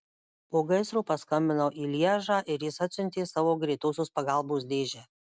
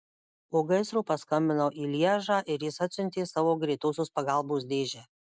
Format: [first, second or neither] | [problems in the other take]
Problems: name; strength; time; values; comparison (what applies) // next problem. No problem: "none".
first | noise reduction (neural mask model Resemble Enhance denoiser)